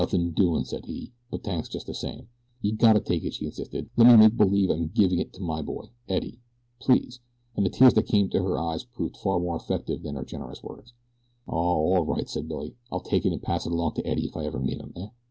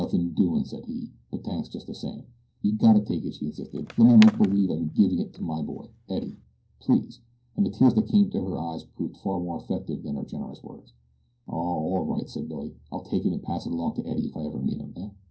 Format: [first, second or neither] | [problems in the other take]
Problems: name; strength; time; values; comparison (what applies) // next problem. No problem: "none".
first | background sound (Skateboard); 17 dB below the speech // room echo; dies away in 0.3 s